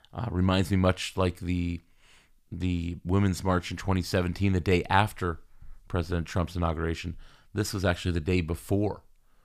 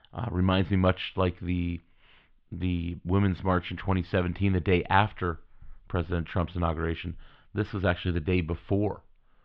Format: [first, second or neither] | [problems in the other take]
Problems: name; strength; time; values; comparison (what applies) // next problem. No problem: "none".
first | muffled; very; fading above 3.5 kHz